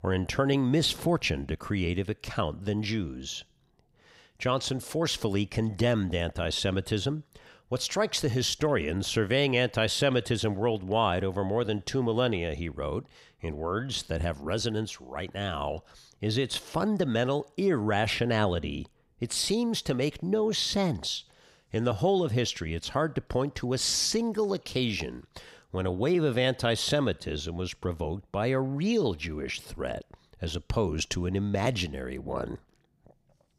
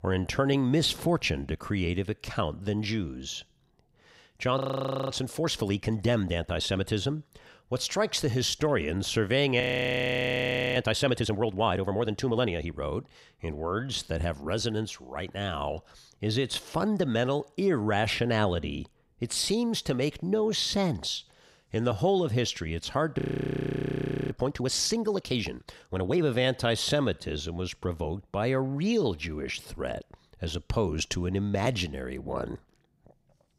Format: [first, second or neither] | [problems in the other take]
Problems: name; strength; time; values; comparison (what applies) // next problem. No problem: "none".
first | audio freezing; at 4.5 s for 0.5 s, at 9.5 s for 1 s and at 23 s for 1 s